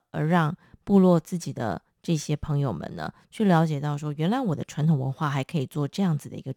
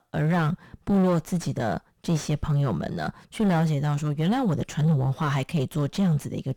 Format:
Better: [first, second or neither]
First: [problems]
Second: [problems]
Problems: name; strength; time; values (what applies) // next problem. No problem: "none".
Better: first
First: none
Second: distortion; heavy; 5 dB below the speech